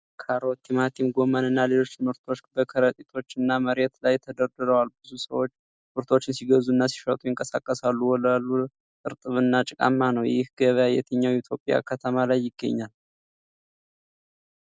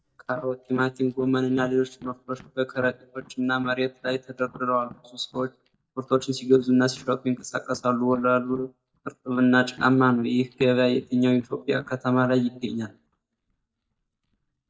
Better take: first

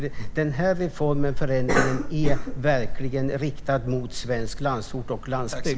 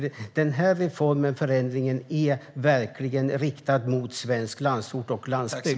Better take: second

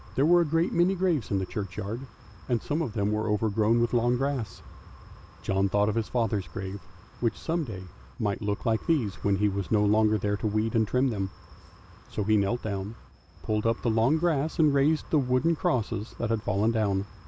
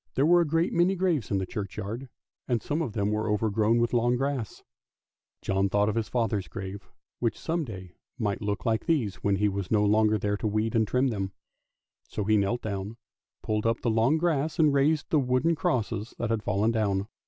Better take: second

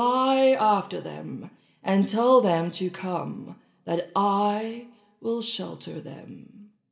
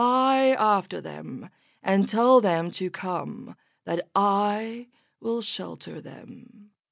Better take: second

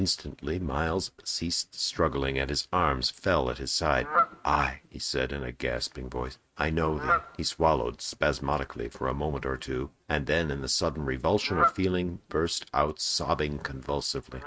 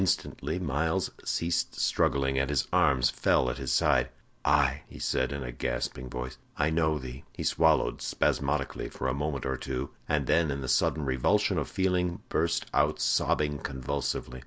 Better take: second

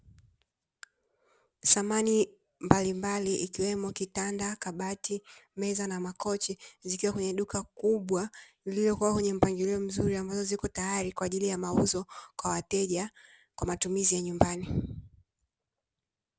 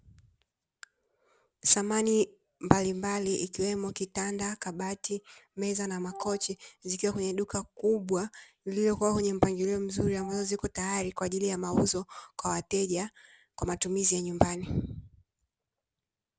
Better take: first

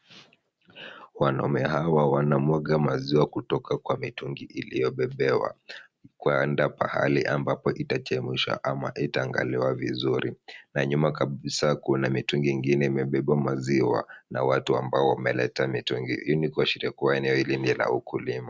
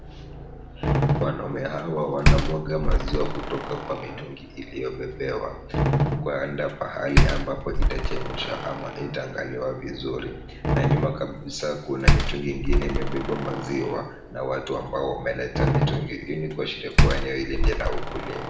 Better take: first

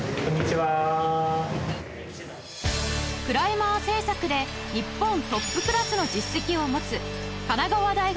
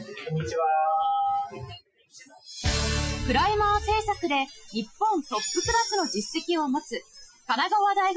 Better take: first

